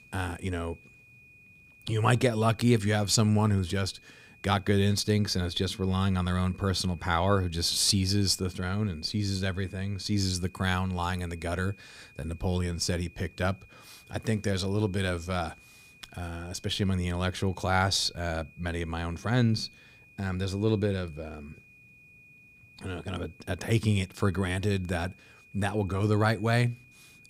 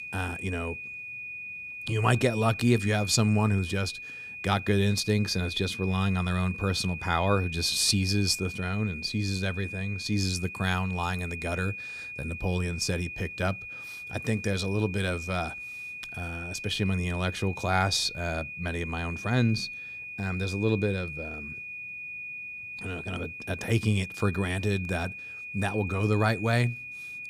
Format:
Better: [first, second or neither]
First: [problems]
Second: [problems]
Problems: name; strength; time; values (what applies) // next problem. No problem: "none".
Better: first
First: high-pitched whine; faint; throughout; 2.5 kHz, 25 dB below the speech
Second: high-pitched whine; loud; throughout; 2.5 kHz, 8 dB below the speech